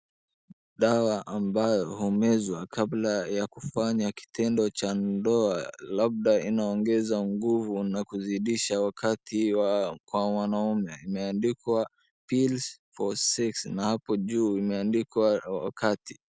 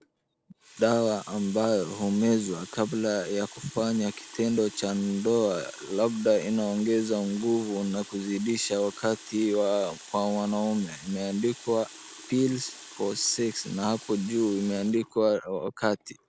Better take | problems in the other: first | background sound (Water tap, faucet); 19 dB below the speech

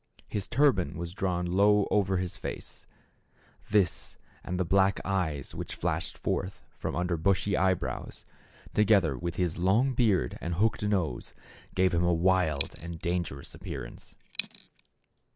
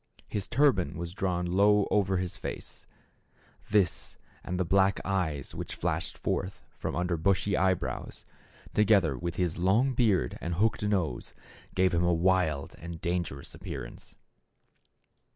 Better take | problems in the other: second | background sound (Coin (dropping)); 15 dB below the speech

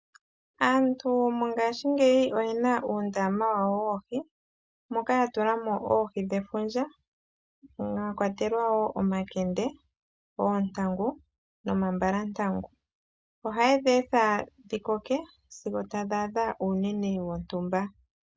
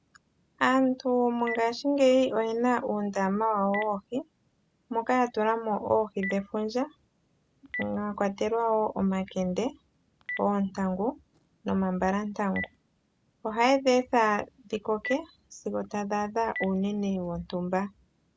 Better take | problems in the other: first | background sound (Telephone); 18 dB below the speech

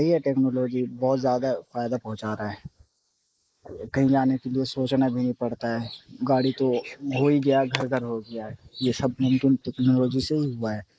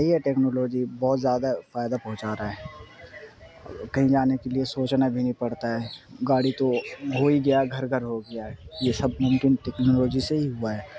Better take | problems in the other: second | noise reduction (neural mask model Resemble Enhance denoiser)

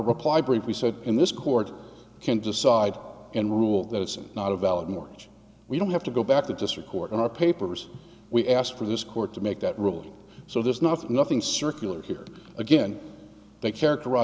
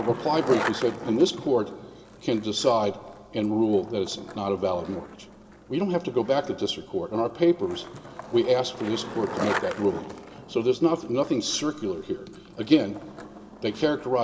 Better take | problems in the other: first | background sound (Skateboard); 12 dB below the speech // room echo; dies away in 0.2 s

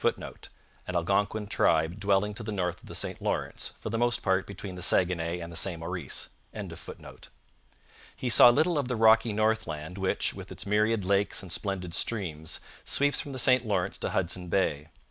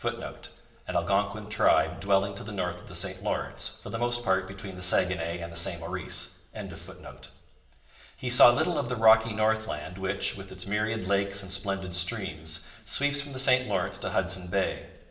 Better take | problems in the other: first | room echo; dies away in 1.3 s

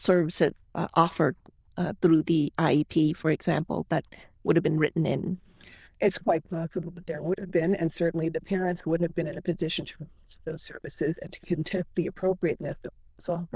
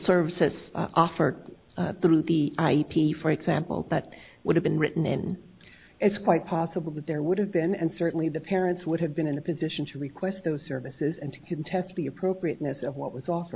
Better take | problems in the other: second | noise reduction (neural diffusion model UNIVERSE++)

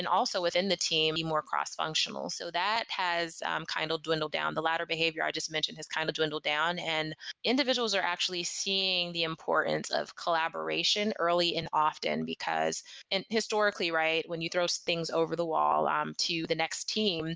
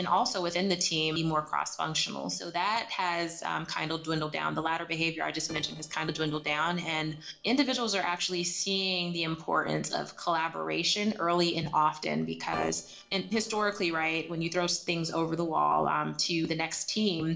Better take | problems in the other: first | noise reduction (neural separator model SepFormer DNS4)

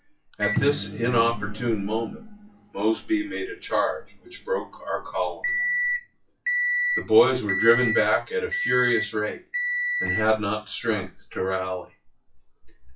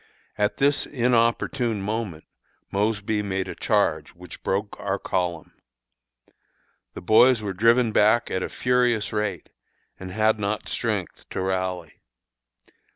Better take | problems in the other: second | noise reduction (classical method WPE with log-MMSE)

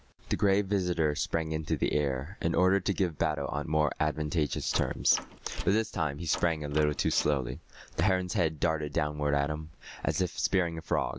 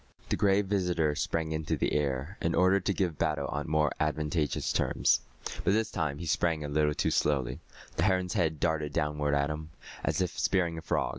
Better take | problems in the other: second | background sound (Door); 16 dB below the speech

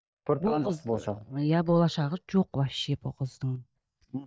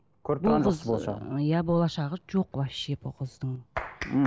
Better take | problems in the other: second | noise reduction (neural mask model DeepFilterNet 3)

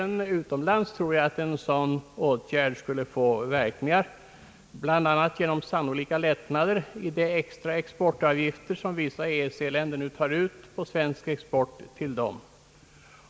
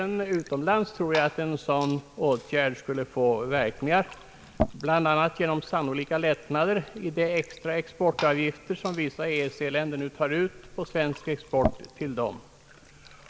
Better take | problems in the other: first | background sound (Fill (with liquid) / Glass); 13 dB below the speech

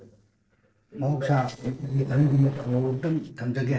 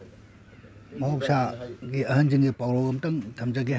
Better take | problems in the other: second | noise reduction (neural separator model SepFormer DNS4)

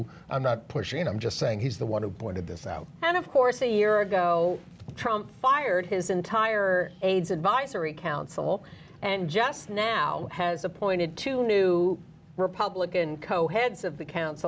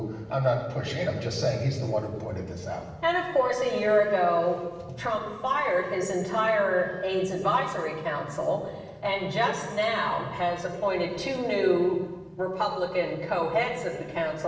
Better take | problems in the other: first | room echo; dies away in 1.1 s

